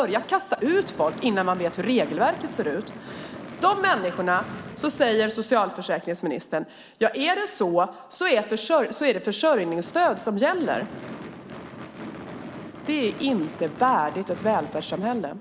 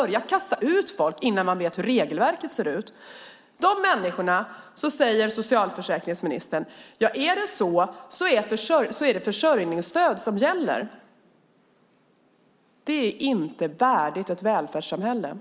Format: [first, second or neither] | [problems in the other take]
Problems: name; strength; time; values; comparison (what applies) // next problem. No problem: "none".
second | background sound (Gunshot, gunfire / Fireworks); 15 dB below the speech